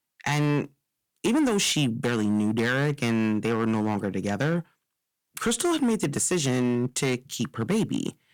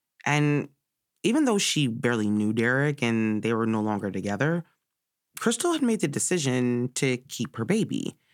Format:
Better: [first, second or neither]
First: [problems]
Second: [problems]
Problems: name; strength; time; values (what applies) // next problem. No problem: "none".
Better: second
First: distortion; slight; 9% of the sound clipped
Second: none